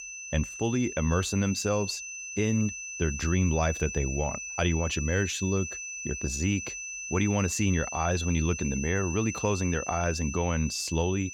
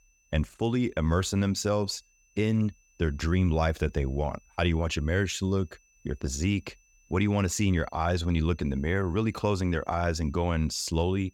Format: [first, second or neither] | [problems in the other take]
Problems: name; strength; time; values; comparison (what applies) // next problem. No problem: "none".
second | high-pitched whine; loud; throughout; 2.5 kHz, 7 dB below the speech; faint in the second